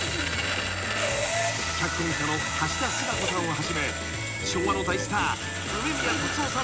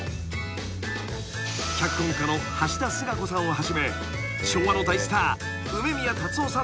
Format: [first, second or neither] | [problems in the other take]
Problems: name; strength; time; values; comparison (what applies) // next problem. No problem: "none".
second | background sound (Sawing); 1 dB below the speech